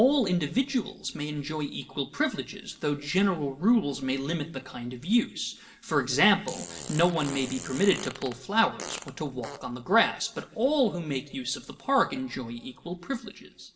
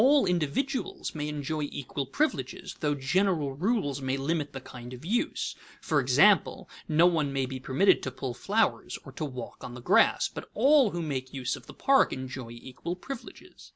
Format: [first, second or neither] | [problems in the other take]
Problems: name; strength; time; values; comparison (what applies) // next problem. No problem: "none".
second | background sound (Fart); 12 dB below the speech // room echo; dies away in 1.2 s